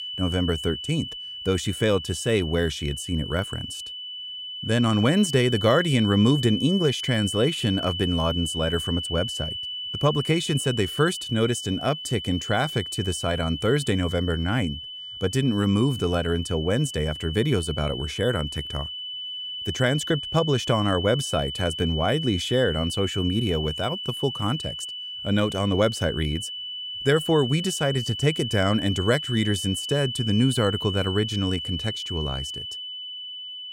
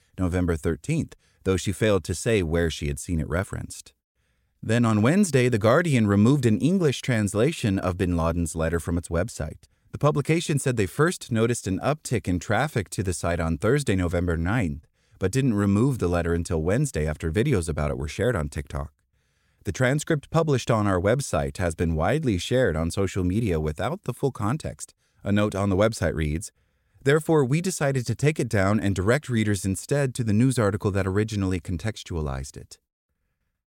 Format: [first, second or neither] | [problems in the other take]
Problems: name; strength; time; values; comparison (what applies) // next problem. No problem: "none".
second | high-pitched whine; loud; throughout; 3 kHz, 6 dB below the speech